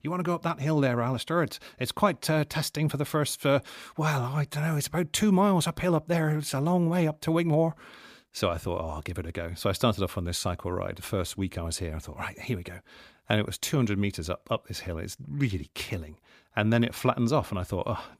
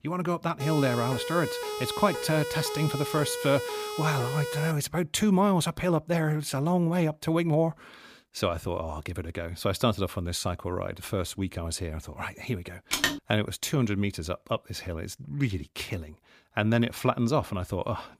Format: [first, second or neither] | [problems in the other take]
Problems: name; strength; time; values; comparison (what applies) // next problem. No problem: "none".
first | siren; noticeable; from 0.5 to 4.5 s; peak 5 dB below the speech // phone ringing; loud; at 13 s; peak 2 dB above the speech